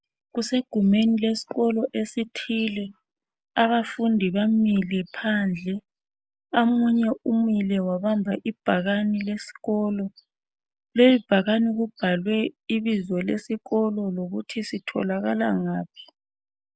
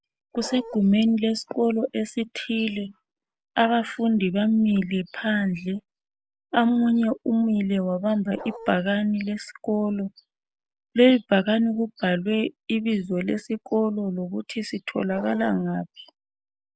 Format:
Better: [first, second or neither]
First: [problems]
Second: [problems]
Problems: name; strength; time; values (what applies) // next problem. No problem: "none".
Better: first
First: none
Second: background sound (Bark); 14 dB below the speech